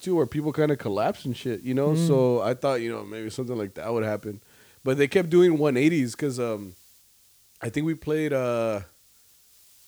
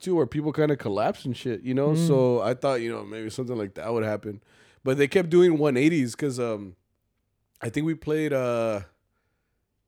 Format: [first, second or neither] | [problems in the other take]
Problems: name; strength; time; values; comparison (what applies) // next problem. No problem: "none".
second | hiss; faint; throughout; 30 dB below the speech